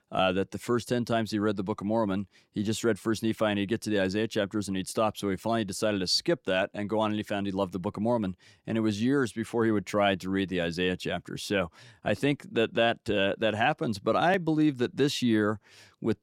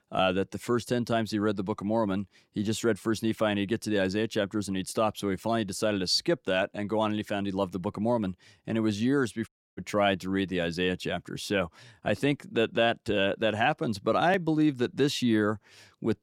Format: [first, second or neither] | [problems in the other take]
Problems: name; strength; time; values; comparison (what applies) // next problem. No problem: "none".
first | audio cutting out; at 9.5 s